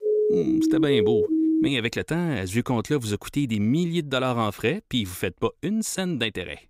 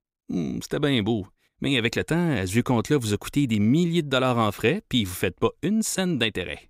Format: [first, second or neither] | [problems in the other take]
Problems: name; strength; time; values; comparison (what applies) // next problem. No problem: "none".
second | siren; loud; until 1.5 s; peak 4 dB above the speech